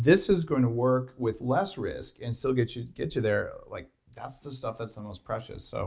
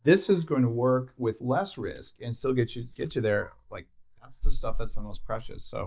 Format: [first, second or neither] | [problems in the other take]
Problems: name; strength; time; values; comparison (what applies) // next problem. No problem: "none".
first | noise reduction (neural mask model DeepFilterNet 3)